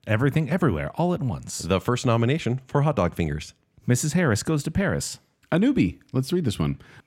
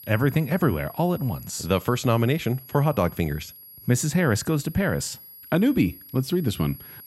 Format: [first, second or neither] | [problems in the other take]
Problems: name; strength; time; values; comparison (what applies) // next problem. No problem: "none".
first | high-pitched whine; noticeable; throughout; 11.5 kHz, 20 dB below the speech